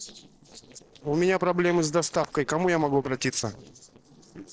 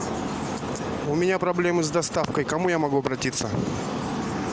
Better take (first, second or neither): second